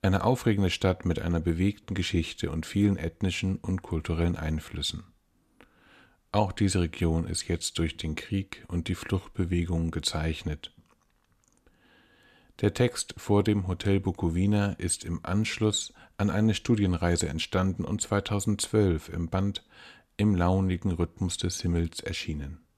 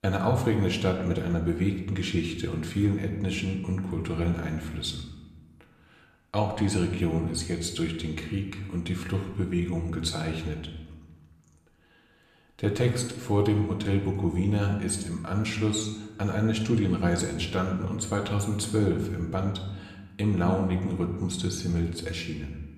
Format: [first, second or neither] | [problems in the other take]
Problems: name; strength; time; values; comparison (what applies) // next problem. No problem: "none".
first | room echo; slight; dies away in 1 s // off-mic speech; somewhat distant